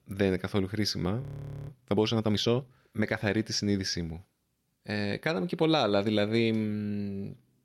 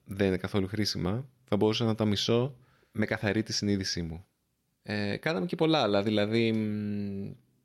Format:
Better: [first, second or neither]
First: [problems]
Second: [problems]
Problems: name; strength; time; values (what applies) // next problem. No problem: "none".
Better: second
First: audio freezing; at 1 s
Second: none